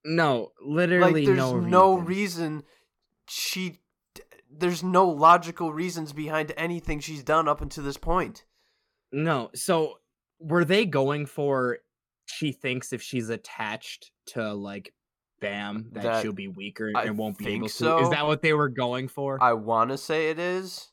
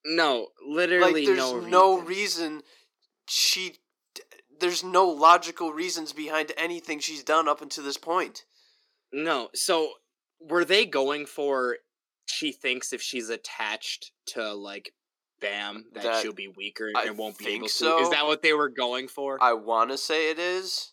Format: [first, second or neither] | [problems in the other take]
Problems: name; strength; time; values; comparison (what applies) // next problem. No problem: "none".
first | thin; somewhat; fading below 300 Hz